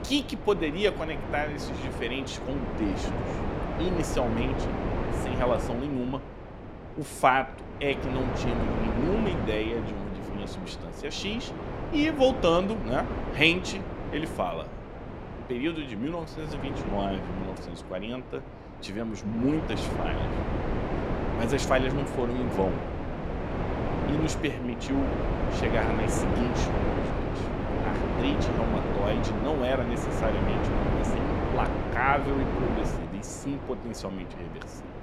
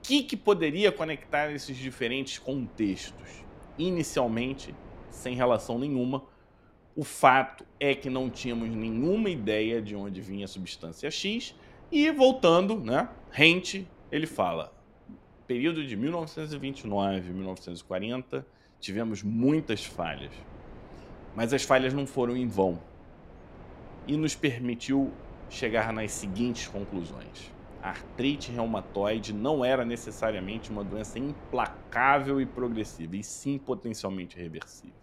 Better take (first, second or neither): second